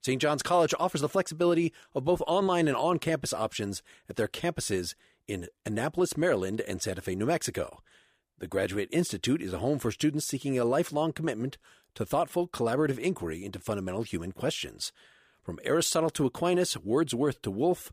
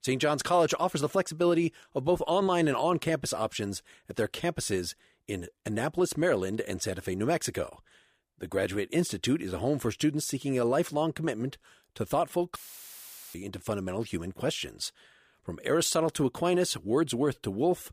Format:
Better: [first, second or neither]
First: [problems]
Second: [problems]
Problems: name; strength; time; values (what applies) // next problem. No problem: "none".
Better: first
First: none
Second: audio cutting out; filled with static; at 13 s for 1 s